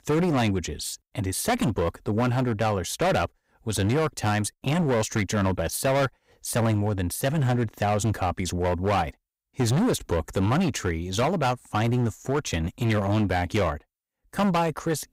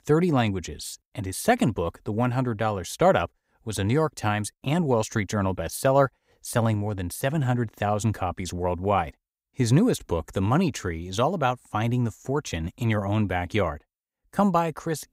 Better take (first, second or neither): second